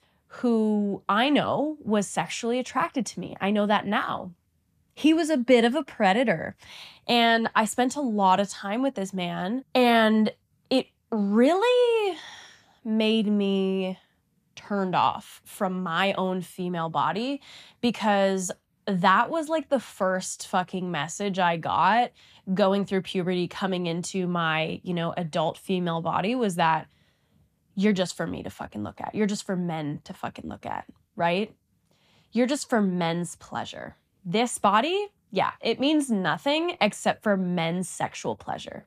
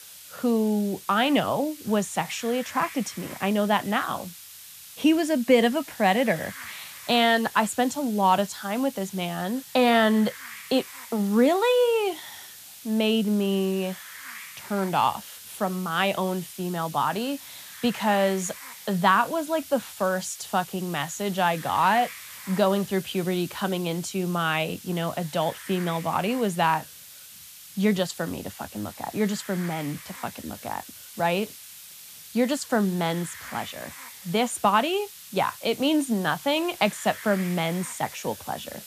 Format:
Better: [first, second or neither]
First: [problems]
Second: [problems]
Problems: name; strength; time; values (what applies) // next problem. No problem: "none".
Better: first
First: none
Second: hiss; noticeable; throughout; 15 dB below the speech